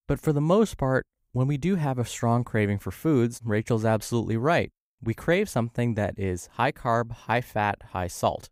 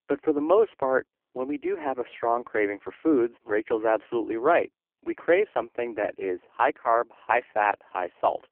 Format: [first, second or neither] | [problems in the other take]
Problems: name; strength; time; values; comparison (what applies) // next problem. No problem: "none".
first | phone-call audio; poor line